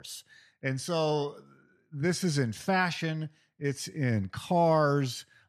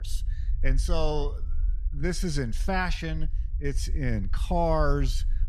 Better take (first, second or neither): first